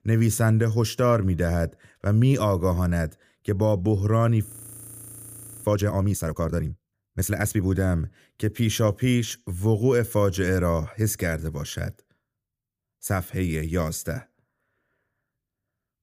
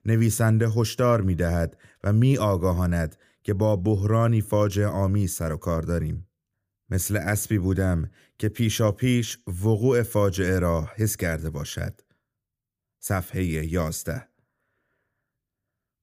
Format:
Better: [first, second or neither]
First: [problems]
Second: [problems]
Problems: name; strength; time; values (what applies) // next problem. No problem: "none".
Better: second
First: audio freezing; at 4.5 s for 1 s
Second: none